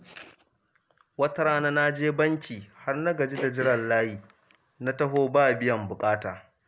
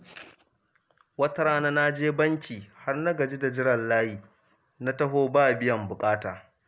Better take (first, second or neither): second